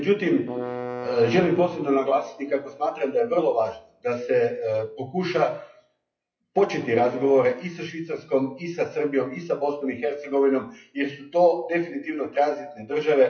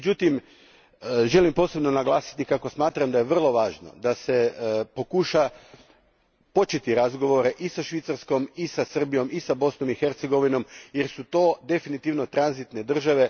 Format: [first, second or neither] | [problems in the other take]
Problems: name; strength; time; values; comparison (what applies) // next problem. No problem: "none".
second | noise reduction (classical method WPE with log-MMSE)